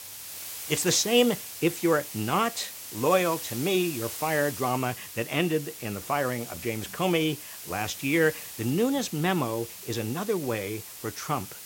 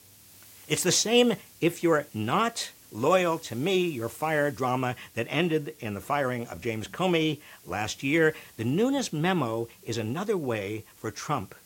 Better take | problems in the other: second | hiss; loud; throughout; 10 dB below the speech; faint in the second

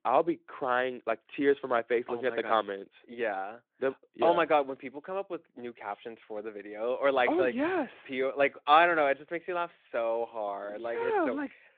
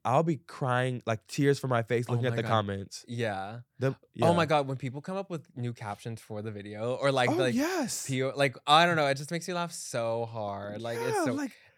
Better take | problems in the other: second | phone-call audio

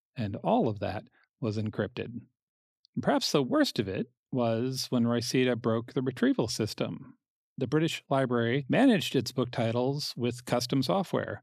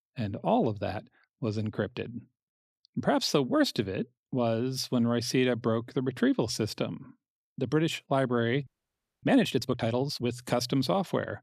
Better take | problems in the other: first | audio freezing; at 8.5 s for 0.5 s

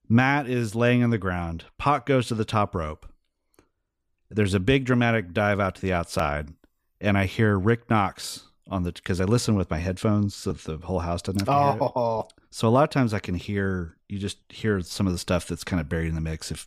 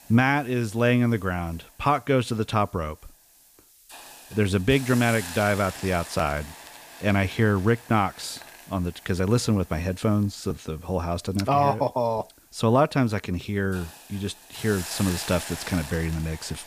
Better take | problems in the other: first | hiss; noticeable; throughout; 15 dB below the speech

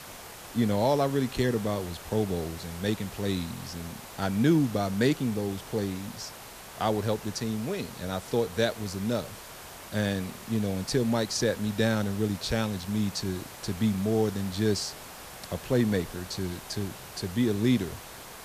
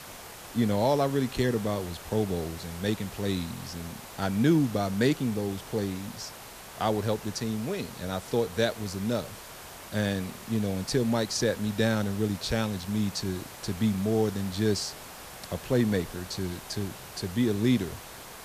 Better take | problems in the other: neither | hiss; noticeable; throughout; 15 dB below the speech; the same in both

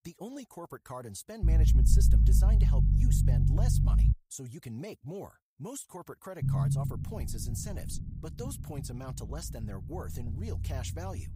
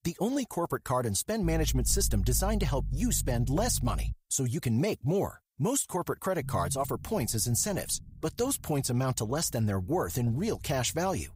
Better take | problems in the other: second | low rumble; loud; from 1.5 to 4 s and from 6.5 s on; 1 dB below the speech; faint in the second

